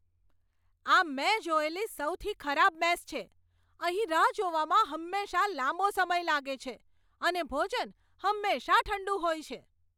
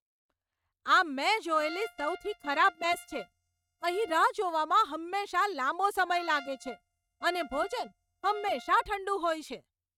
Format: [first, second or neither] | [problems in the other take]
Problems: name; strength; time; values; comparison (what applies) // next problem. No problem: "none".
first | noise reduction (neural mask model RNNoise)